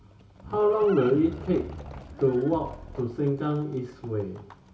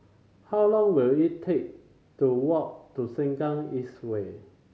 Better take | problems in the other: second | background sound (Livestock, farm animals, working animals); 15 dB below the speech // room echo; dies away in 0.2 s

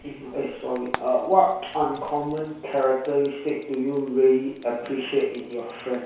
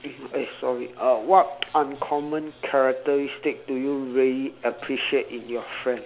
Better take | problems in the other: second | background sound (Frying (food)); 20 dB below the speech // room echo; dies away in 0.6 s

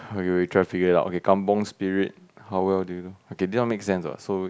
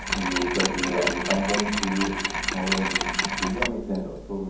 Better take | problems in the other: first | background sound (Mechanisms); 1 dB above the speech // room echo; dies away in 1.2 s

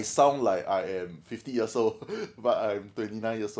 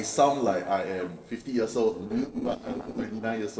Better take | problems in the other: first | noise reduction (neural separator model SepFormer DNS4)

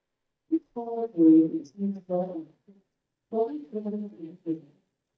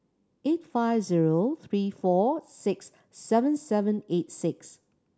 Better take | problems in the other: second | noise reduction (neural mask model DeepFilterNet 3)

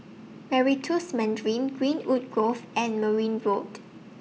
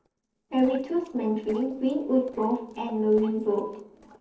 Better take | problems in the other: first | noise reduction (neural separator model SepFormer DNS4)

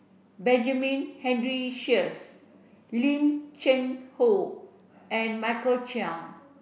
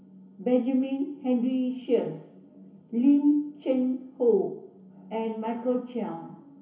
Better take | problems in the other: first | room echo; dies away in 0.3 s

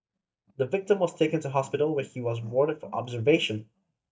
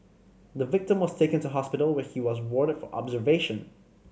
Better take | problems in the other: second | noise reduction (neural mask model DeepFilterNet 3)

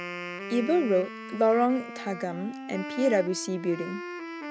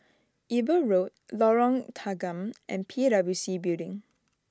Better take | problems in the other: second | background sound (Wind instrument, woodwind instrument); 10 dB below the speech

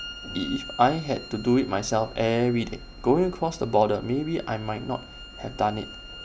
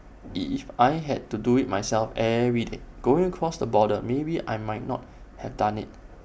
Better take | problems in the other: second | background sound (Bowed string instrument); 17 dB below the speech

